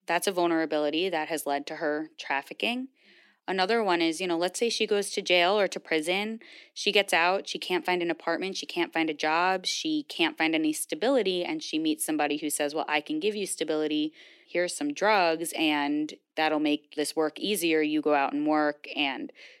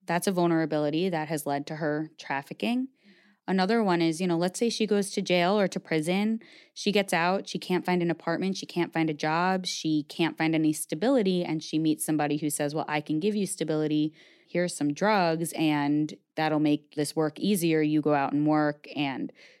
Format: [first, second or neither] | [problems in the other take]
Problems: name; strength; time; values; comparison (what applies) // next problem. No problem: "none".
second | thin; somewhat; fading below 300 Hz